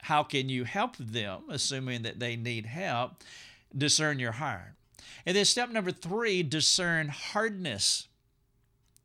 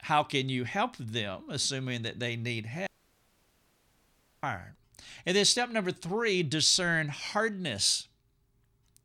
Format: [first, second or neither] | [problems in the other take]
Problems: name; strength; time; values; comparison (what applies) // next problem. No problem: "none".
first | audio cutting out; at 3 s for 1.5 s